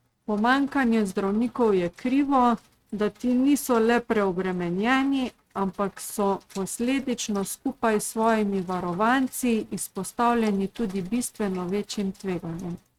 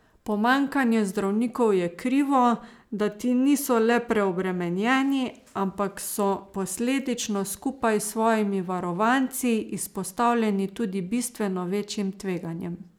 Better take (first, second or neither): second